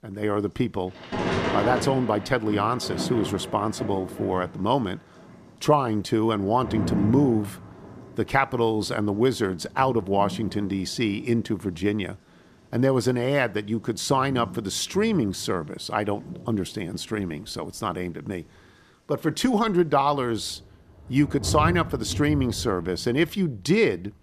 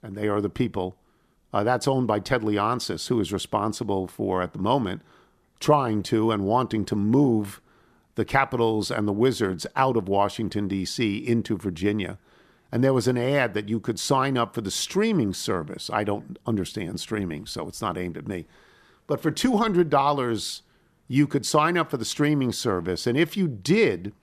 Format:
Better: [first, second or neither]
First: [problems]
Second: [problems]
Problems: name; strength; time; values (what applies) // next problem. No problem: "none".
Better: second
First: rain or running water; loud; throughout; 8 dB below the speech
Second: none